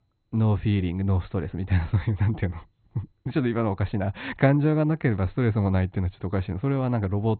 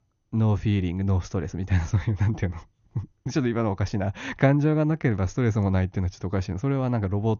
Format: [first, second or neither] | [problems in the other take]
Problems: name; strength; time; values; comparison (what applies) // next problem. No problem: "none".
second | garbled, watery; badly; nothing above 4 kHz; slightly in the second